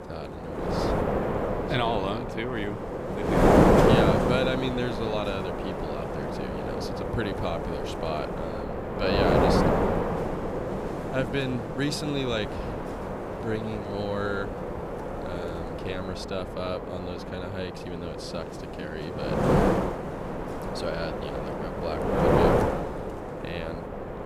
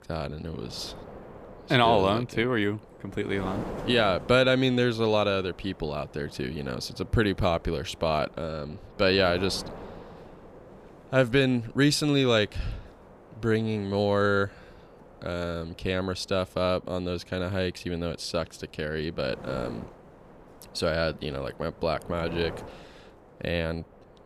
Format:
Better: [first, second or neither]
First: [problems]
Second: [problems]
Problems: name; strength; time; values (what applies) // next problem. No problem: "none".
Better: second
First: wind noise on the microphone; heavy; 5 dB above the speech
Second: wind noise on the microphone; occasional gusts; 20 dB below the speech